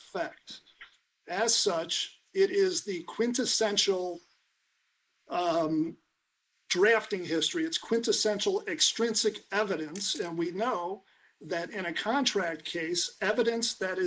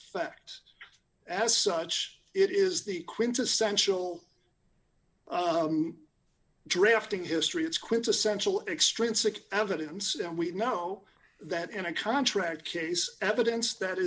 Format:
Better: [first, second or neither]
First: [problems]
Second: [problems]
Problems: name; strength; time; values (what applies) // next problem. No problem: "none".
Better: second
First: noise reduction (neural mask model Resemble Enhance denoiser)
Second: none